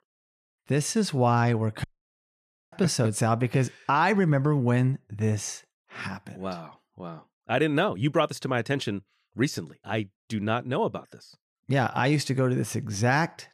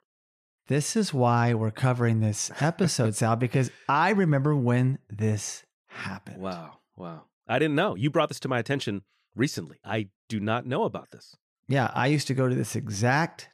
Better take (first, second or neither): second